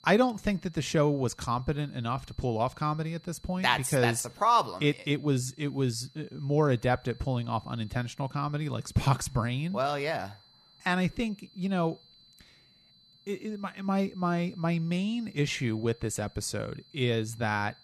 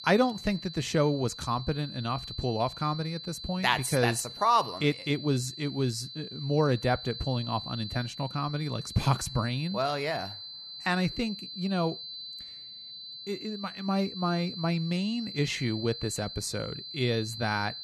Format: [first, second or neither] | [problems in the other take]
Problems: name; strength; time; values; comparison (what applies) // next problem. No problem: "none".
first | high-pitched whine; loud; throughout; 4 kHz, 10 dB below the speech; faint in the first